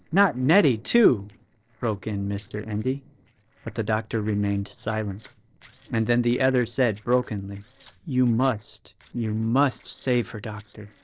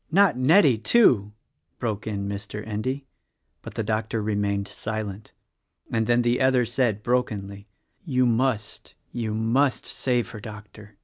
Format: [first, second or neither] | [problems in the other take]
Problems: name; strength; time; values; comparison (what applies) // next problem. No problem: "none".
second | noise reduction (neural separator model SepFormer DNS4)